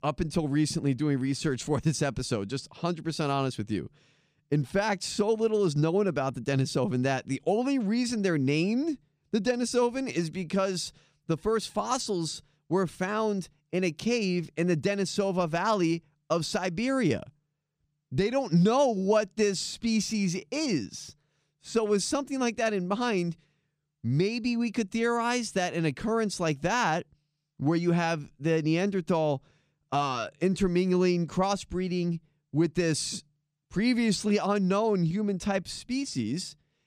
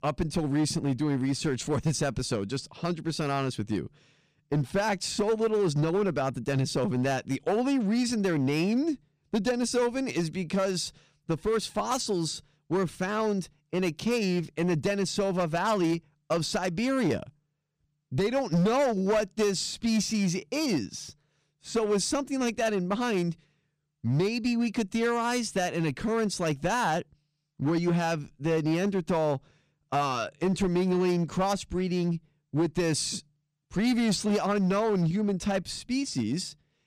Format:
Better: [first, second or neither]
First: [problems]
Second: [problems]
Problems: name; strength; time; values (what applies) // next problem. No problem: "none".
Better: first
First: none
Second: distortion; slight; 7% of the sound clipped